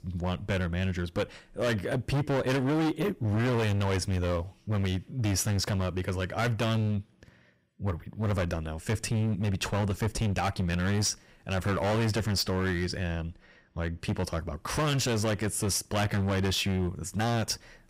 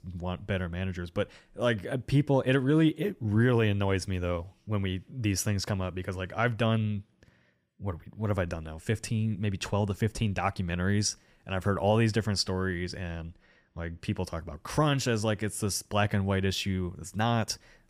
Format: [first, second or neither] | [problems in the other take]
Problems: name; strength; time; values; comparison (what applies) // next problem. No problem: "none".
second | distortion; heavy; 20% of the sound clipped